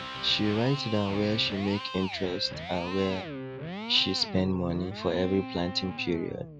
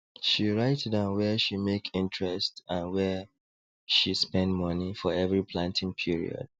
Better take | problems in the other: second | background sound (Electric guitar); 9 dB below the speech

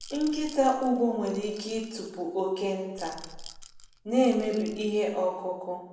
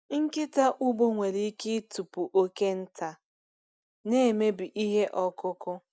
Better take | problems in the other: second | background sound (Rattle / Rattle (instrument)); 17 dB below the speech // room echo; dies away in 0.8 s

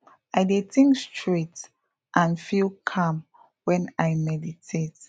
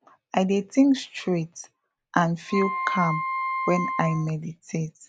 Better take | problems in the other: first | background sound (Wind instrument, woodwind instrument); 4 dB below the speech

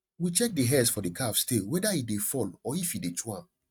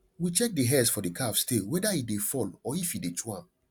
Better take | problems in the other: second | noise reduction (neural mask model RNNoise)

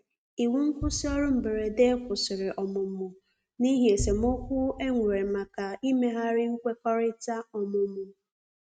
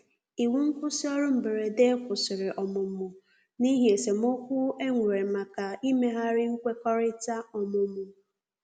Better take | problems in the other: second | noise reduction (neural mask model RNNoise)

